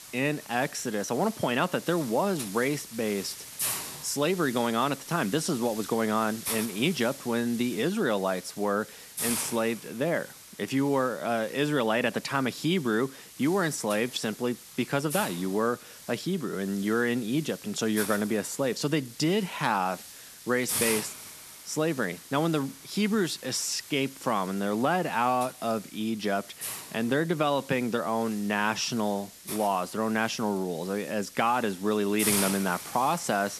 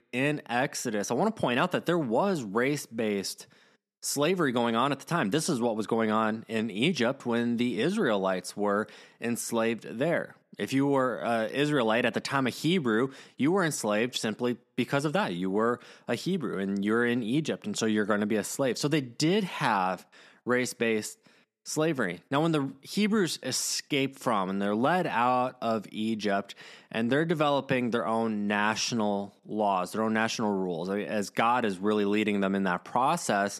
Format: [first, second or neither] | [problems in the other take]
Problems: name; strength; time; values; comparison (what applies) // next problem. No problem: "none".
second | hiss; loud; throughout; 10 dB below the speech